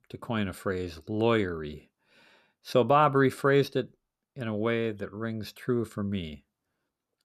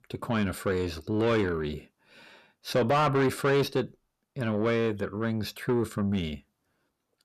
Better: first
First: none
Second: distortion; heavy; 7 dB below the speech

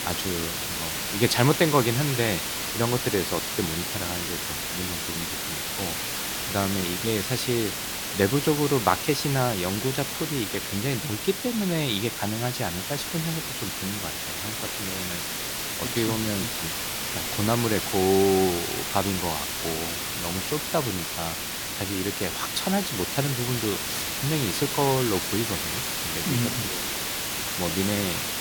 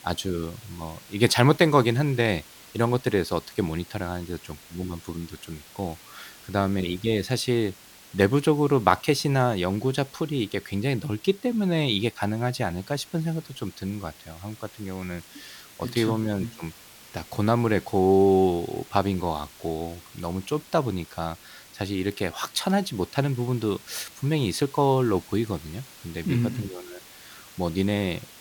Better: second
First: hiss; loud; throughout; 1 dB below the speech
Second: hiss; faint; throughout; 20 dB below the speech

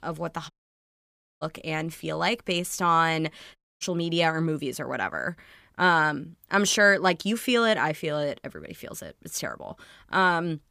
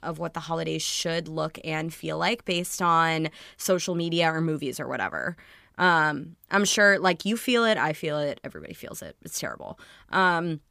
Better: second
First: audio cutting out; at 0.5 s for 1 s and at 3.5 s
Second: none

